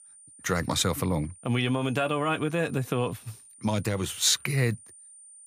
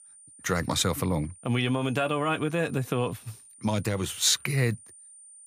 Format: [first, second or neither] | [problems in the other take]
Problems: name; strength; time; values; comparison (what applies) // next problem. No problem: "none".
neither | high-pitched whine; faint; throughout; 9 kHz, 20 dB below the speech; the same in both